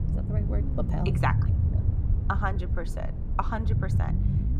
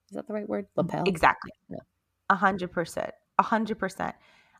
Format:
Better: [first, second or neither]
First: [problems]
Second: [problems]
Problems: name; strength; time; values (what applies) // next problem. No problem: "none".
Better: second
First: low rumble; loud; throughout; 8 dB below the speech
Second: none